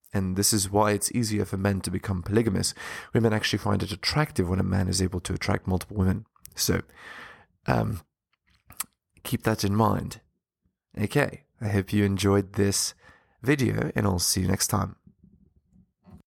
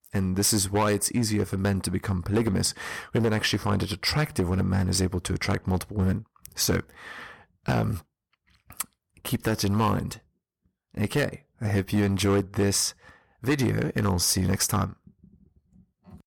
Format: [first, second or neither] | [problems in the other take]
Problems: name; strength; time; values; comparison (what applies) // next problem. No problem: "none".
first | distortion; slight; 5% of the sound clipped